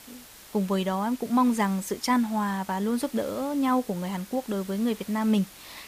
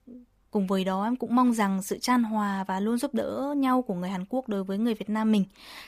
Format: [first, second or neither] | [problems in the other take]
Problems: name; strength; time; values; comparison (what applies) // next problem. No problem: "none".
second | hiss; noticeable; throughout; 20 dB below the speech